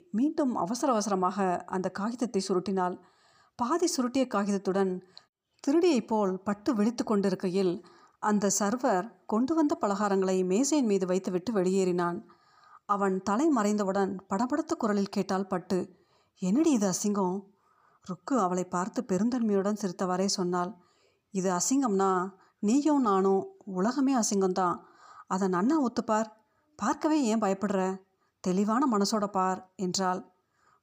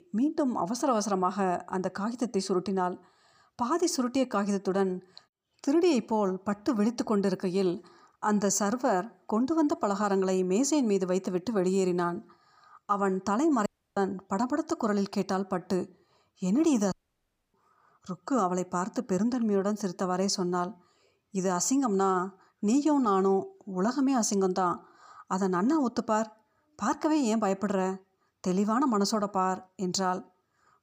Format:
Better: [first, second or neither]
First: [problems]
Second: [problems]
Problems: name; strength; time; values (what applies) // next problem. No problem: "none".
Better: first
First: none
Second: audio cutting out; at 14 s and at 17 s for 0.5 s